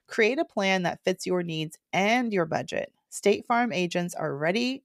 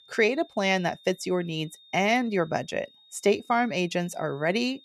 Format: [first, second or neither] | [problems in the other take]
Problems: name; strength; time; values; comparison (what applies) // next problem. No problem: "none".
first | high-pitched whine; faint; throughout; 3.5 kHz, 25 dB below the speech